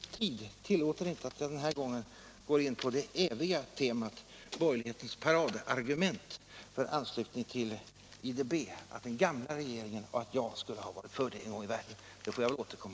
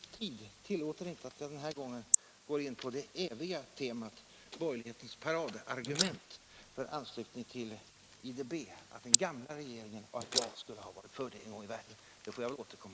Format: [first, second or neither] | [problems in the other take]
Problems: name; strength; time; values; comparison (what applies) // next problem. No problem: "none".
first | noise reduction (neural mask model Resemble Enhance denoiser)